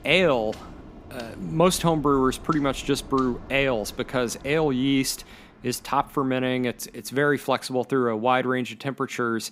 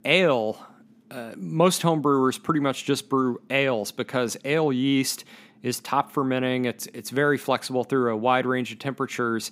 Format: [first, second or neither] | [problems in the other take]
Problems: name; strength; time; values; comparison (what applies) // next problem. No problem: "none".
second | rain or running water; noticeable; throughout; 20 dB below the speech